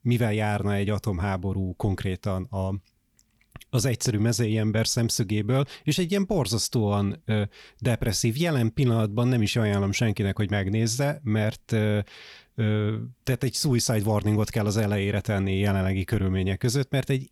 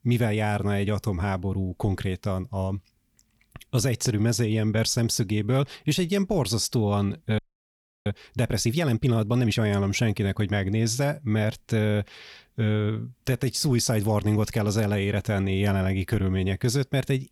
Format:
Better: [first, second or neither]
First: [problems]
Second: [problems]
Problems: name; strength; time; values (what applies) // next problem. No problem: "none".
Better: first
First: none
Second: audio freezing; at 7.5 s for 0.5 s